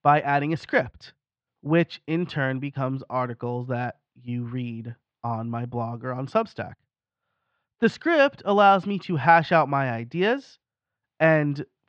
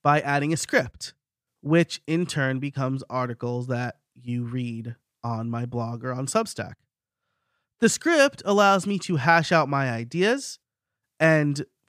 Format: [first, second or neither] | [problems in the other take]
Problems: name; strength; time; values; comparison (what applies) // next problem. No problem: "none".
second | muffled; slightly; fading above 4 kHz